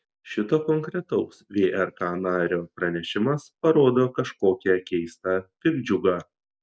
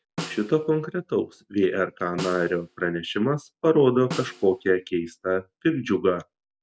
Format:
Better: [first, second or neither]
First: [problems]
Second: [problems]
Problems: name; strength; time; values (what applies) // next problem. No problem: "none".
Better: first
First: none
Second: background sound (Snare drum); 16 dB below the speech